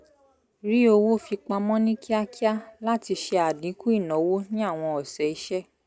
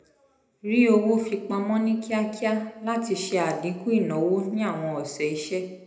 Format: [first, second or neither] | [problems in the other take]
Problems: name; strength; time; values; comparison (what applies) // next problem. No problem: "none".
first | room echo; dies away in 0.7 s